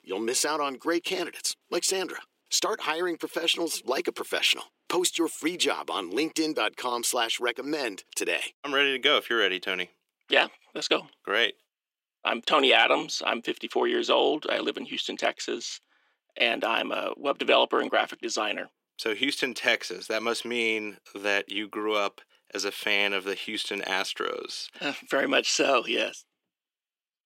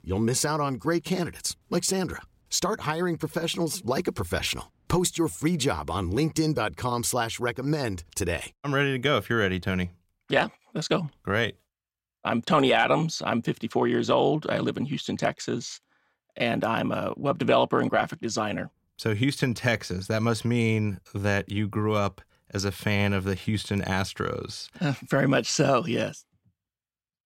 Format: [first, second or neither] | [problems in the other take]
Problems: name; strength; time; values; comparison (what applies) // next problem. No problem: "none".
second | thin; somewhat; fading below 350 Hz